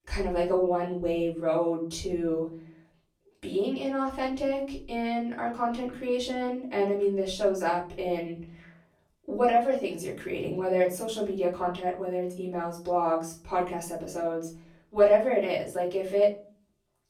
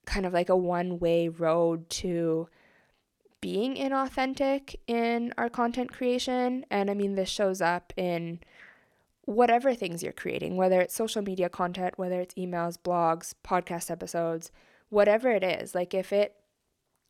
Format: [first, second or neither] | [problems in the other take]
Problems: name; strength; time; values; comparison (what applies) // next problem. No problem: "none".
second | off-mic speech; far // room echo; slight; dies away in 0.5 s